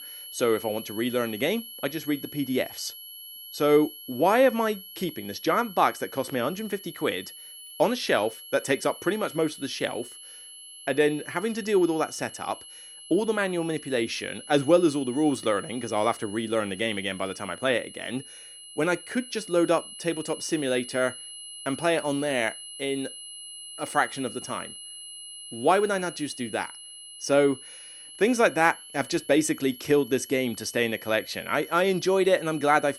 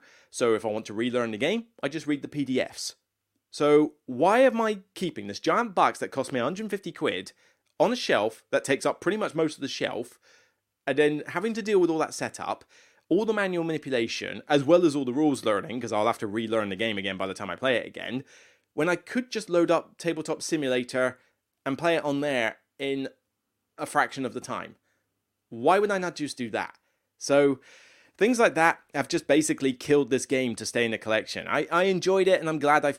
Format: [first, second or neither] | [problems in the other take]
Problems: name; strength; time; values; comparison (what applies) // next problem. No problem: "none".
second | high-pitched whine; noticeable; throughout; 3 kHz, 15 dB below the speech